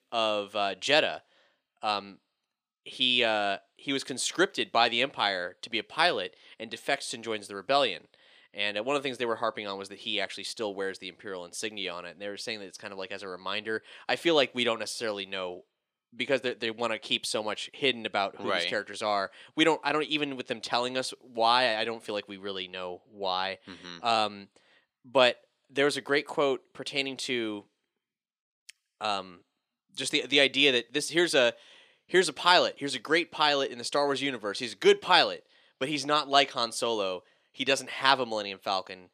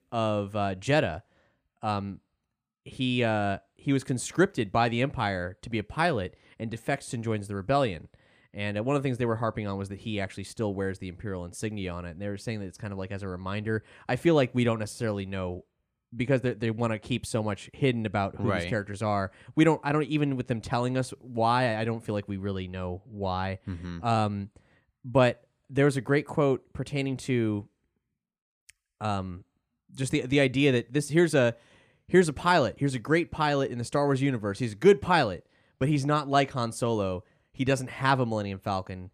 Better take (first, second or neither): second